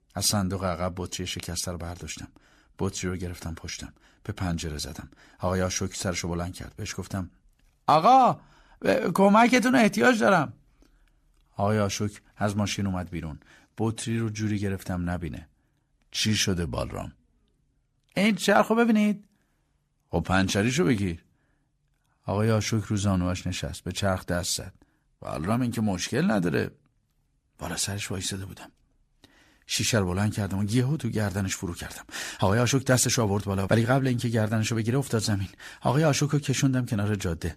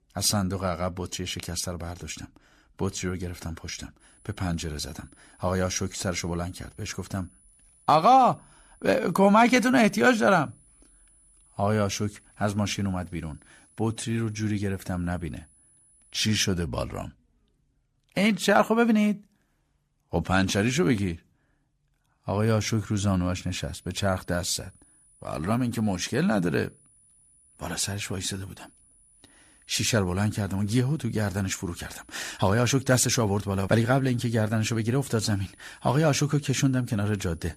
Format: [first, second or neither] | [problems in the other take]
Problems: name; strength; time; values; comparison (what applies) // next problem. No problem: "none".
first | high-pitched whine; faint; from 4 to 16 s and from 23 s on; 10 kHz, 30 dB below the speech